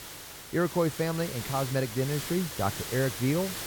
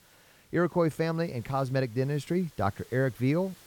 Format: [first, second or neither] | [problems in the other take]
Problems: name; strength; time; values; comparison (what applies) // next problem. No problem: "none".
second | hiss; loud; throughout; 7 dB below the speech; faint in the second